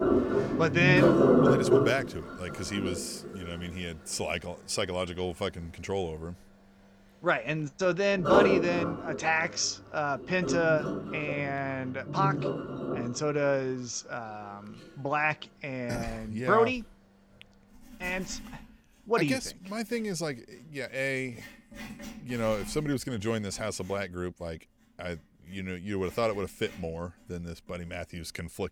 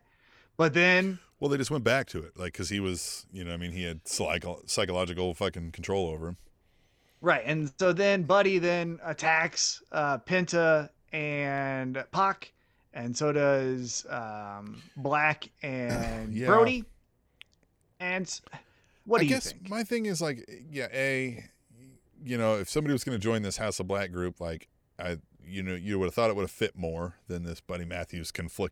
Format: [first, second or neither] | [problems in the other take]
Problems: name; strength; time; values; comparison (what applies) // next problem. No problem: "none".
second | household noises; very loud; throughout; 2 dB above the speech